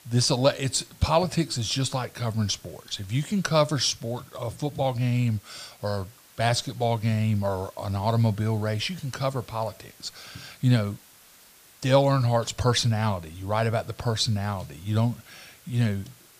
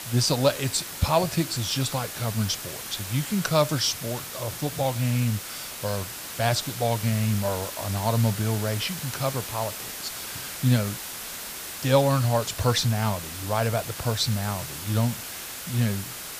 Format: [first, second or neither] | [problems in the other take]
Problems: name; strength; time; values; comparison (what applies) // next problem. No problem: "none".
first | hiss; loud; throughout; 7 dB below the speech; faint in the first